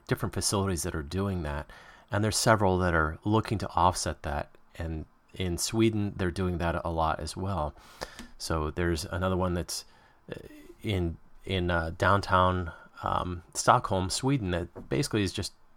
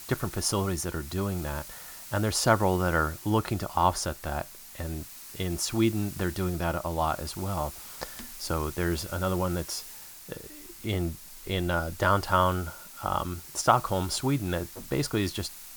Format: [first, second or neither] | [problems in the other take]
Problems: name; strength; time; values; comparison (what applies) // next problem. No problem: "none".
first | hiss; noticeable; throughout; 15 dB below the speech